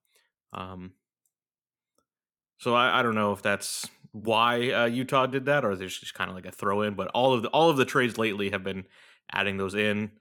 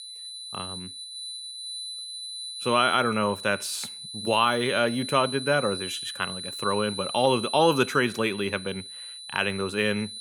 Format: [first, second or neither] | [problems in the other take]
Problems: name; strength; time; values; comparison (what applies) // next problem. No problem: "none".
first | high-pitched whine; loud; throughout; 4 kHz, 9 dB below the speech